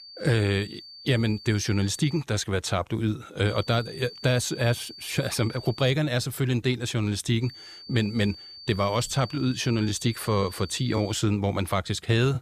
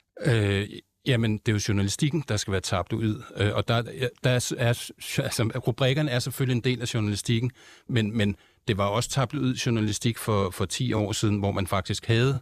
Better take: second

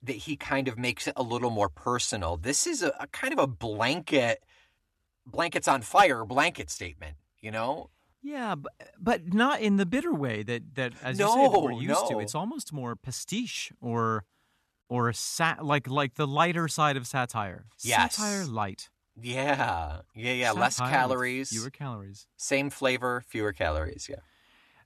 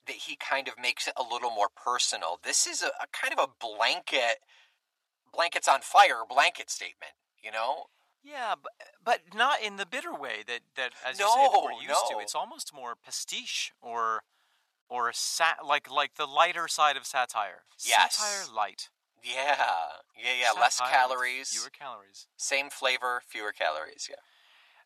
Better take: first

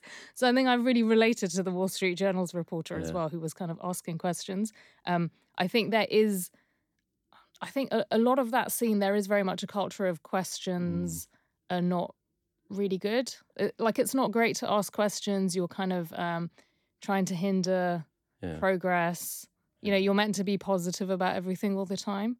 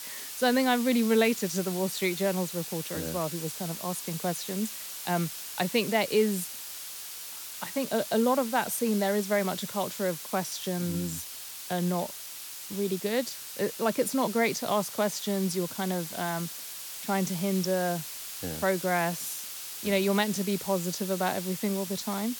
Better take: first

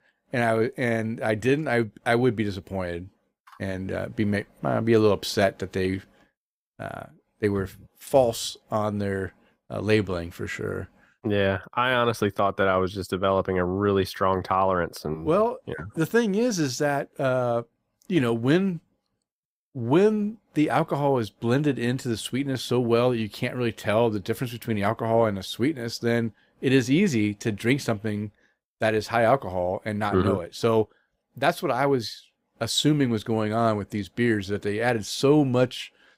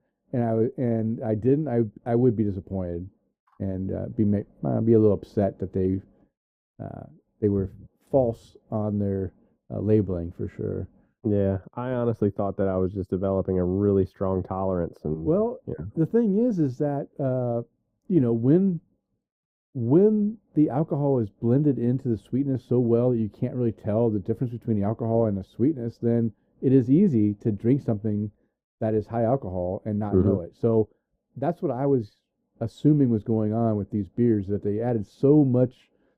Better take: first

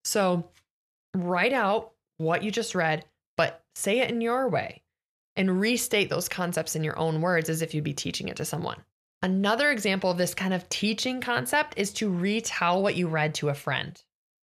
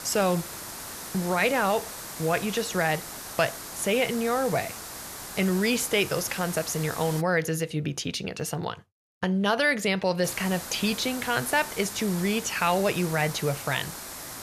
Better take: first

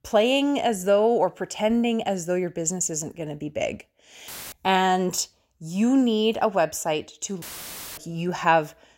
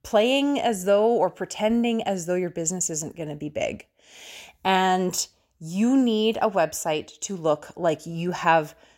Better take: second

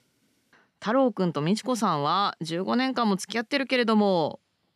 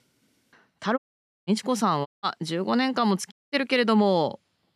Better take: first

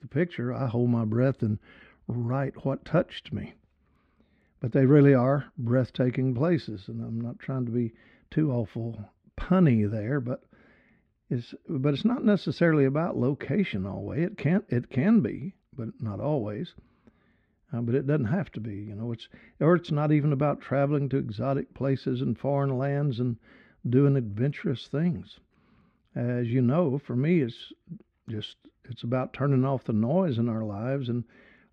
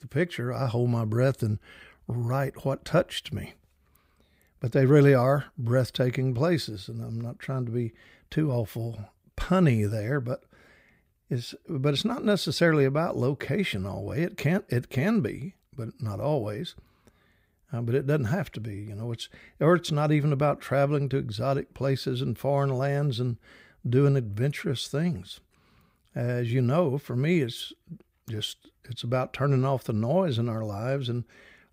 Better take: second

